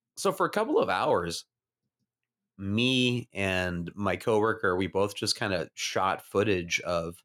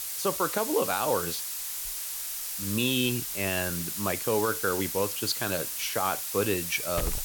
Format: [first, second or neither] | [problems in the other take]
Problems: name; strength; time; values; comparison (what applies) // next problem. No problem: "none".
first | hiss; loud; throughout; 2 dB below the speech